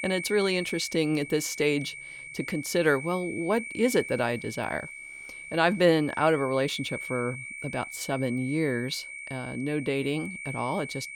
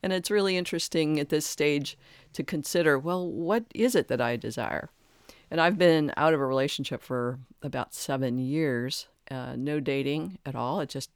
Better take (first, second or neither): second